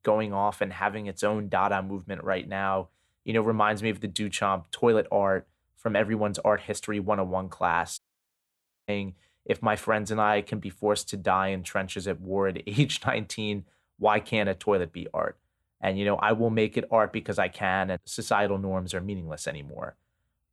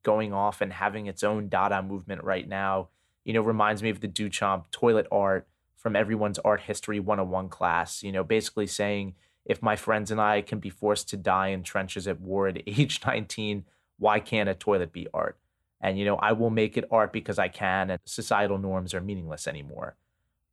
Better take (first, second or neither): second